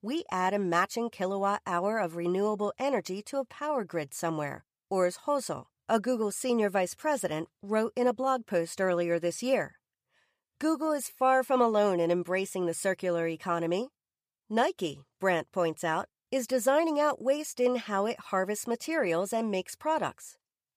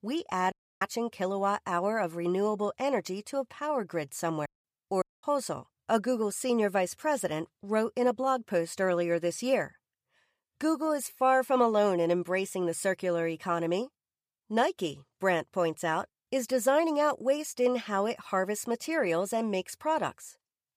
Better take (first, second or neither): first